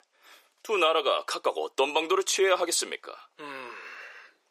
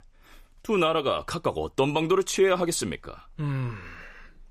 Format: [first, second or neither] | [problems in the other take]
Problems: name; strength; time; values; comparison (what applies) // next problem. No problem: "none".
second | thin; very; fading below 400 Hz